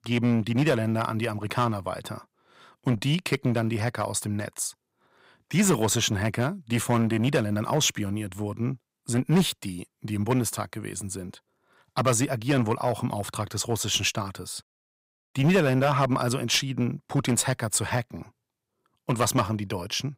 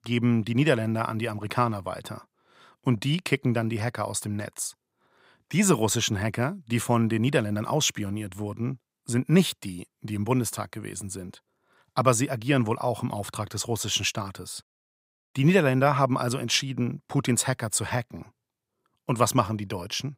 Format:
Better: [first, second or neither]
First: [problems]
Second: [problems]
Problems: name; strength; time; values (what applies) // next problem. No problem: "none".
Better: second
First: distortion; slight; 4% of the sound clipped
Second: none